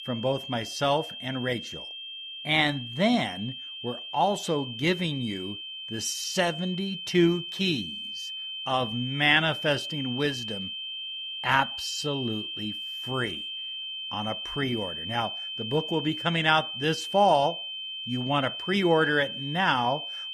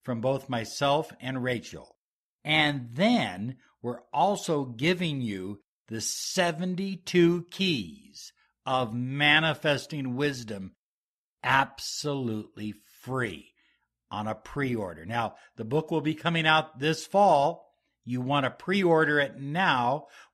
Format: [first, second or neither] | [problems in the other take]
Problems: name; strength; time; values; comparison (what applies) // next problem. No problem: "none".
second | high-pitched whine; loud; throughout; 3 kHz, 7 dB below the speech